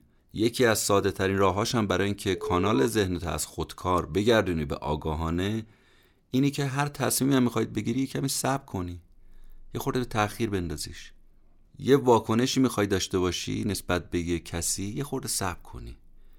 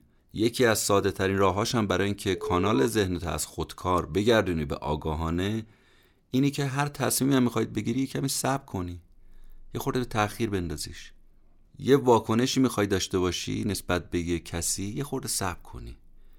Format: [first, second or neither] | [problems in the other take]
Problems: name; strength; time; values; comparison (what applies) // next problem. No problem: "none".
neither | alarm; noticeable; at 2.5 s; peak 6 dB below the speech; the same in both